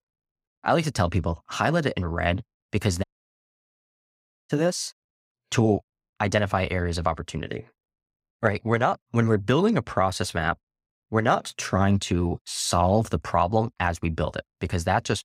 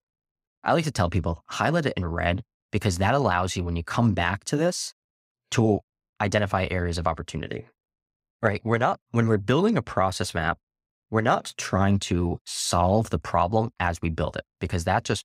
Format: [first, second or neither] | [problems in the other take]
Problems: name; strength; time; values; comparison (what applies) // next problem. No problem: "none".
second | audio cutting out; at 3 s for 1.5 s